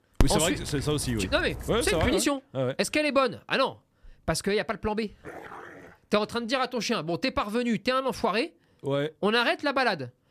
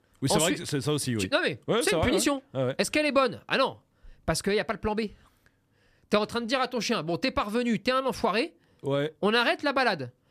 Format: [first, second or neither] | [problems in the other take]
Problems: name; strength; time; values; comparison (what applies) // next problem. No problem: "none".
second | dog barking; noticeable; until 2 s; peak 3 dB below the speech // dog barking; faint; at 5 s; peak 15 dB below the speech